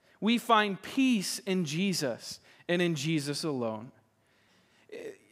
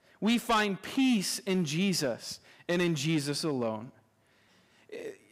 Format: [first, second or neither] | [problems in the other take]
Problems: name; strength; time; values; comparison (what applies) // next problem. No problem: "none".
first | distortion; slight; 4% of the sound clipped